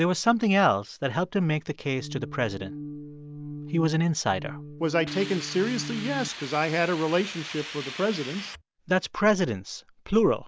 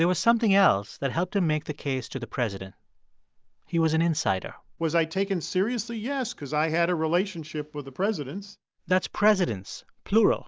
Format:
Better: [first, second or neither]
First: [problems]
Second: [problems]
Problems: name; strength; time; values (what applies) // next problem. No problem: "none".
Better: second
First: background sound (Organ + Hiss); 11 dB below the speech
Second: none